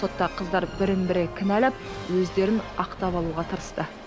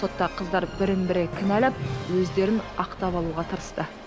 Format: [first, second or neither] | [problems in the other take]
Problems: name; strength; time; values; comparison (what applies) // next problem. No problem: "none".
first | background sound (Fireworks); 9 dB below the speech